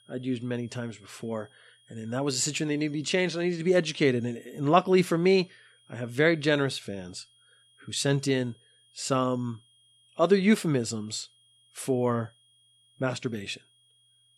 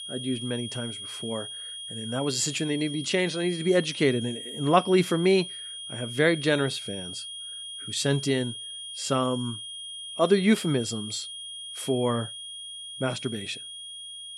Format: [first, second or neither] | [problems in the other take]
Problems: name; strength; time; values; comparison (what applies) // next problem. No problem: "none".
first | high-pitched whine; loud; throughout; 3.5 kHz, 9 dB below the speech; faint in the first